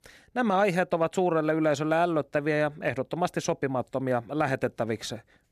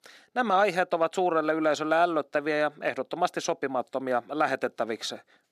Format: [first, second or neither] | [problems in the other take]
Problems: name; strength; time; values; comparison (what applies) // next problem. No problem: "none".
first | thin; very slightly; fading below 300 Hz